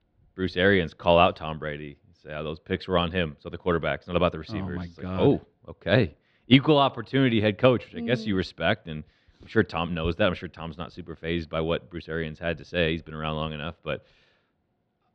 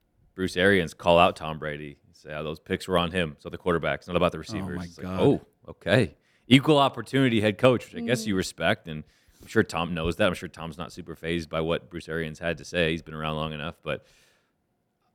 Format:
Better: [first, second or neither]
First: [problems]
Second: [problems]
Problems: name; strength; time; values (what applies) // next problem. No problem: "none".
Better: second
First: muffled; very slightly; fading above 4 kHz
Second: none